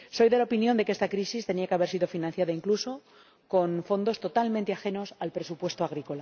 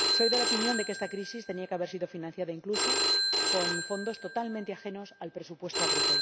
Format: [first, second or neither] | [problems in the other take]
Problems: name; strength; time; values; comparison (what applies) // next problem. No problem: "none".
first | background sound (Telephone); 4 dB above the speech